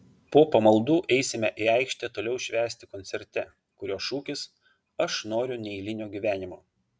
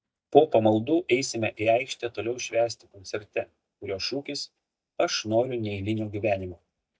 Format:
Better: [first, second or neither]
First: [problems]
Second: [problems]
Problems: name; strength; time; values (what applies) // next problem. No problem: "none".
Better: first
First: none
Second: noise reduction (neural mask model DeepFilterNet 3)